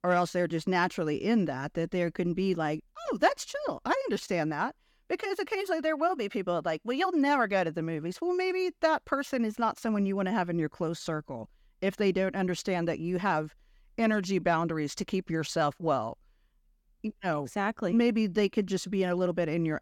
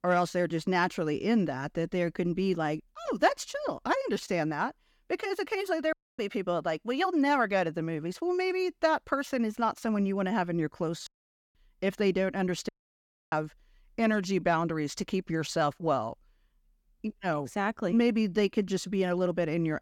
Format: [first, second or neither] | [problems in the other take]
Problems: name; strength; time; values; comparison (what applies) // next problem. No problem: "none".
first | audio cutting out; at 6 s, at 11 s and at 13 s for 0.5 s